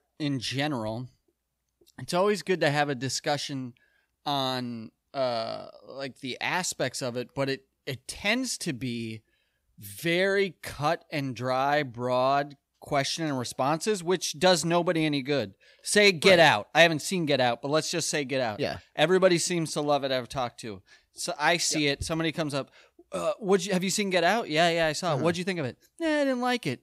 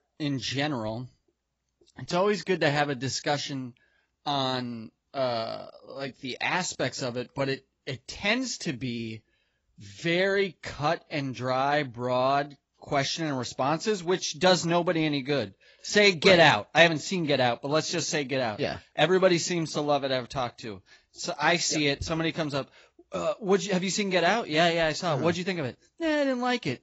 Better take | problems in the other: first | garbled, watery; badly; nothing above 7.5 kHz

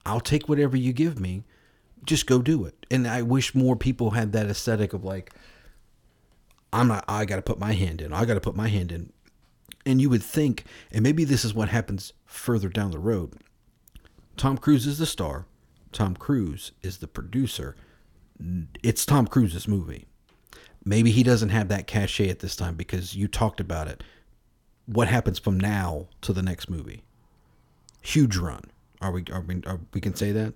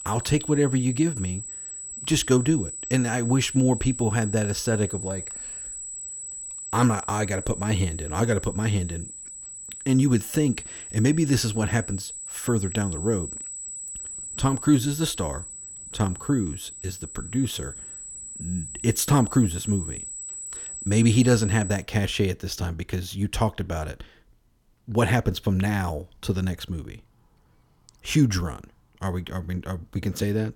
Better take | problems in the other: first | high-pitched whine; loud; until 22 s; 8 kHz, 9 dB below the speech

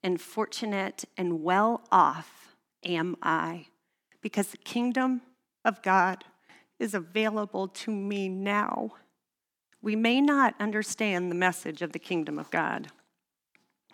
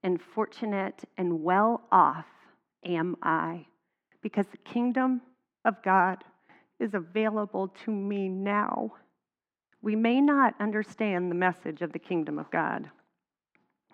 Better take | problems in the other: first | muffled; very; fading above 4 kHz

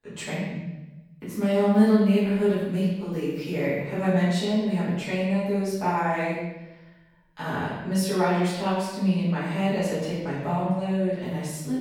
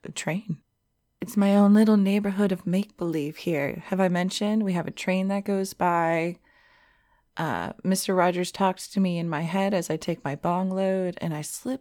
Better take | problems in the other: second | room echo; strong; dies away in 1 s // off-mic speech; far

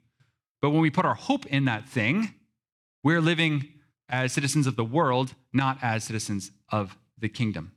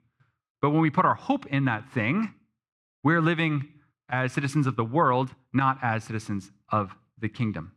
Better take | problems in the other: first | muffled; slightly; fading above 3 kHz

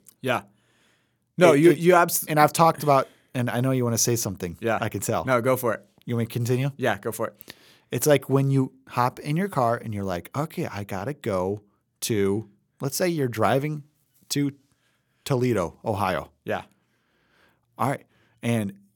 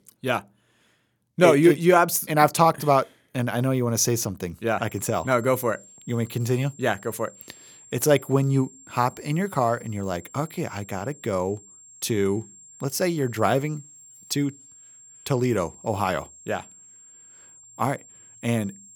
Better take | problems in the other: first | high-pitched whine; faint; from 5 s on; 7.5 kHz, 20 dB below the speech

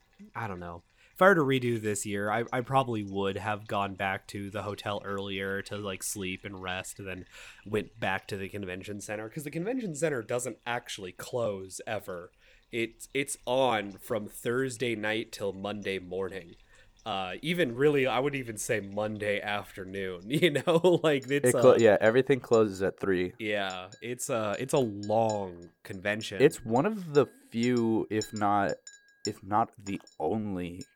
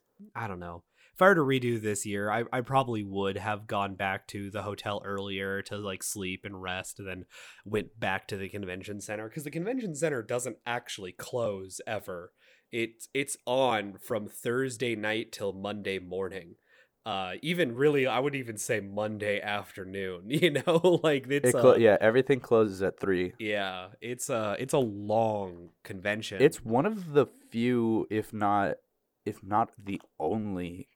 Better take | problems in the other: second | household noises; faint; throughout; 20 dB below the speech

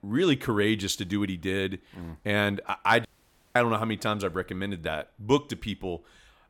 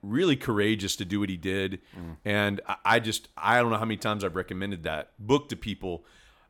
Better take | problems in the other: second | audio cutting out; at 3 s for 0.5 s

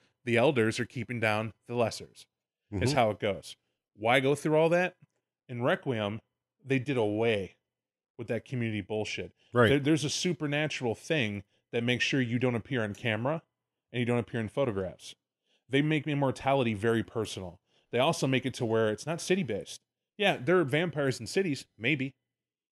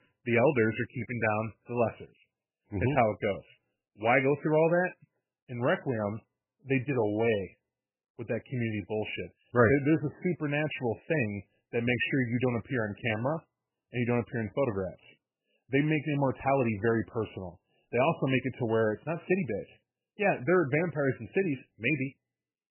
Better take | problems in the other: first | garbled, watery; badly; nothing above 3 kHz

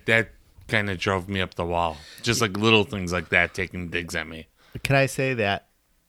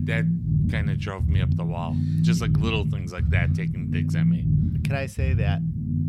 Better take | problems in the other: first | low rumble; loud; throughout; 1 dB below the speech

